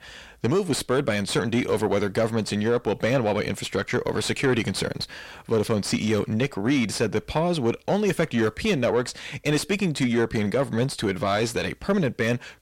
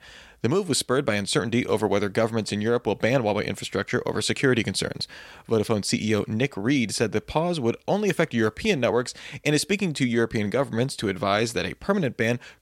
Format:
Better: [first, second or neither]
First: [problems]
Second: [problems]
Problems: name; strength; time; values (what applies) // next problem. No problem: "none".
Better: second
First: distortion; slight; 10 dB below the speech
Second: none